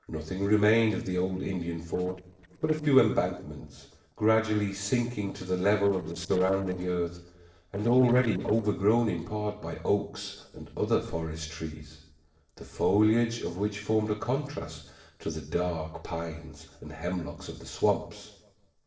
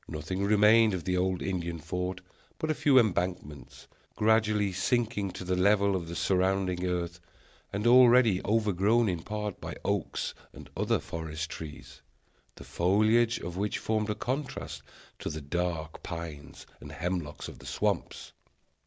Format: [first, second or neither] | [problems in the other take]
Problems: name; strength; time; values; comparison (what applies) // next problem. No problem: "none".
second | noise reduction (neural separator model SepFormer DNS4)